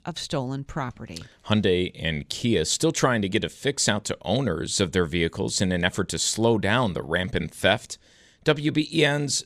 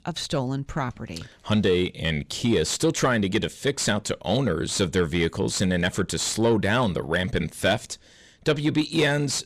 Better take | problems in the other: first | distortion; slight; 10 dB below the speech

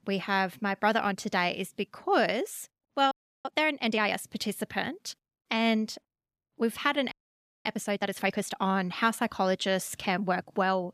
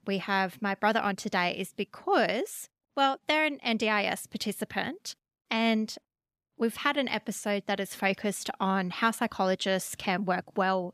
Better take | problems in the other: second | audio freezing; at 3 s and at 7 s for 0.5 s

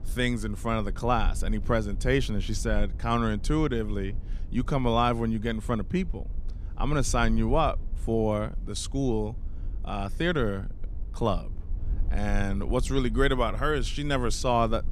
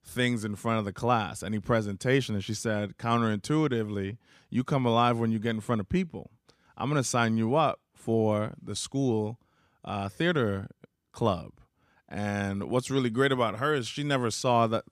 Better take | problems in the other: second | low rumble; faint; throughout; 25 dB below the speech

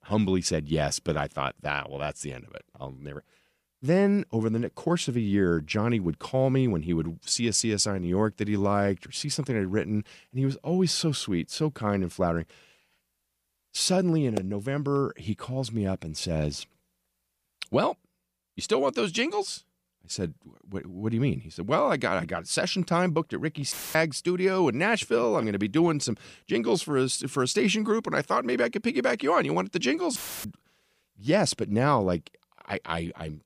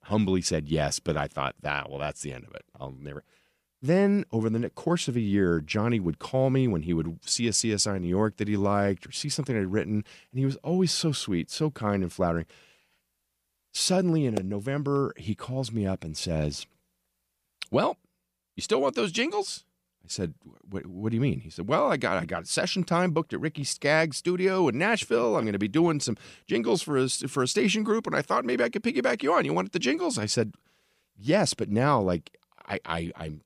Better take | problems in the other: second | audio cutting out; filled with static; at 24 s and at 30 s

